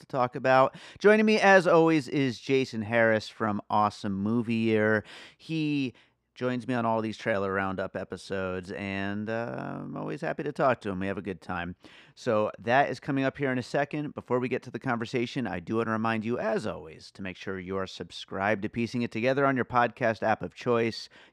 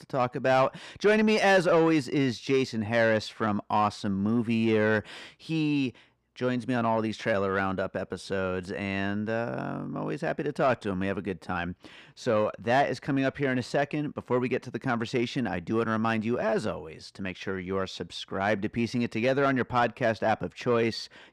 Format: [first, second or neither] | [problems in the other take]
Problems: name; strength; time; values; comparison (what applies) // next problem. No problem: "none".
first | distortion; slight; 10 dB below the speech